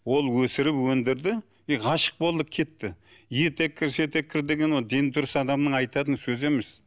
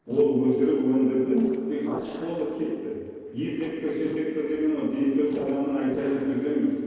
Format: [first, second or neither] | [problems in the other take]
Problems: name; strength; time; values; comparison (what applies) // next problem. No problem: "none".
first | noise reduction (neural separator model SepFormer DNS4)